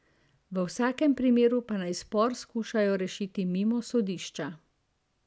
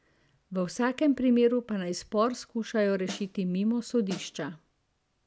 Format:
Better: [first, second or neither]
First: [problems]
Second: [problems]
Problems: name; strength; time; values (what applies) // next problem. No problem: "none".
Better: first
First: none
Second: background sound (Snare drum); 14 dB below the speech